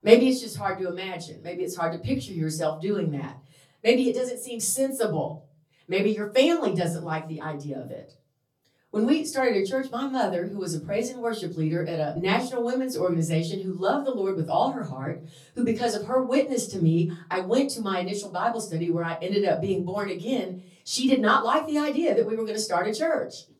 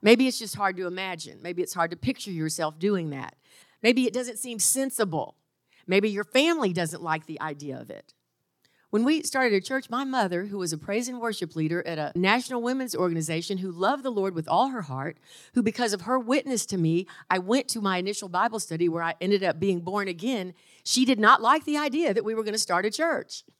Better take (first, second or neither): second